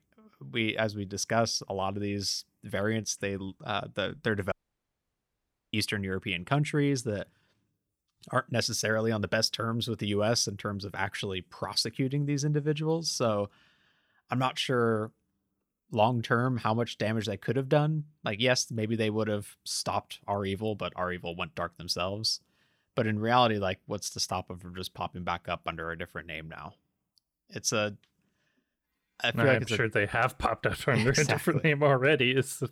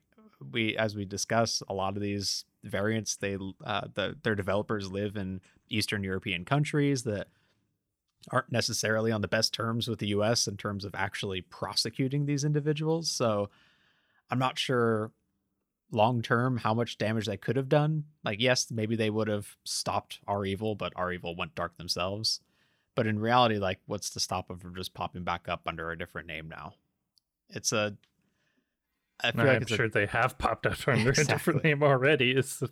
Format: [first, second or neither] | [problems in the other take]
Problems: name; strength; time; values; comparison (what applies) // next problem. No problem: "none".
second | audio cutting out; at 4.5 s for 1 s